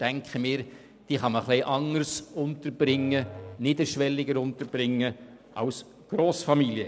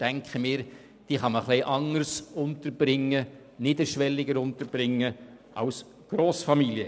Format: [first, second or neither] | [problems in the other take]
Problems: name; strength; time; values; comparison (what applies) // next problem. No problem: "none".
second | background sound (Musical instrument); 19 dB below the speech